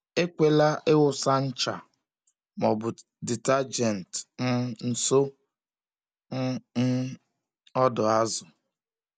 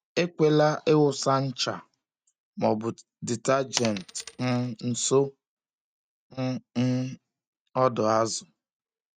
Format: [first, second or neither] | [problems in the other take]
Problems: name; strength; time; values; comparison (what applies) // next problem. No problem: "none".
first | noise reduction (neural mask model RNNoise)